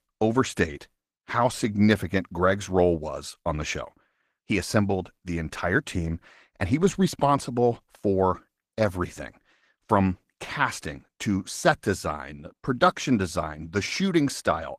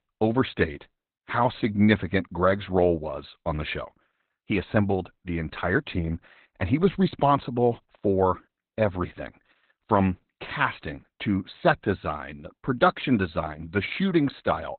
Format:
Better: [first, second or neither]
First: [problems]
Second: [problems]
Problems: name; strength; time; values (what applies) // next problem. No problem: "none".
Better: first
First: garbled, watery; slightly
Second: garbled, watery; badly; nothing above 4 kHz